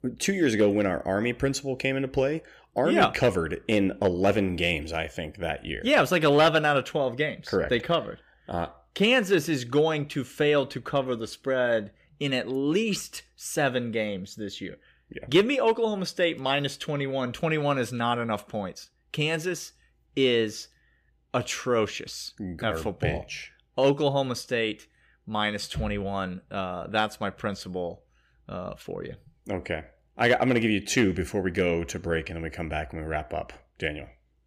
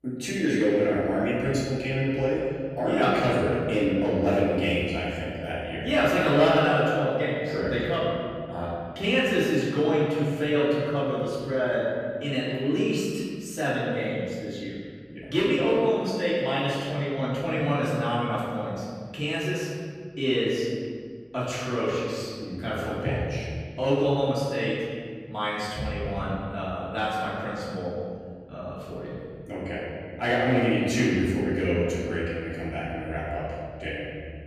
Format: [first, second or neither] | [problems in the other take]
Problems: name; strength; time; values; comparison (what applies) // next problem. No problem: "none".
first | room echo; strong; dies away in 2 s // off-mic speech; far